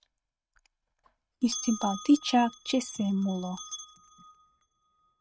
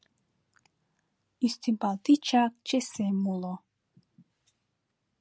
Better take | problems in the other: second | noise reduction (neural mask model RNNoise)

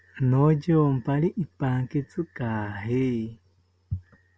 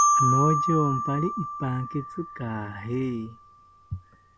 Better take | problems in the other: first | background sound (Marimba, xylophone); 1 dB above the speech

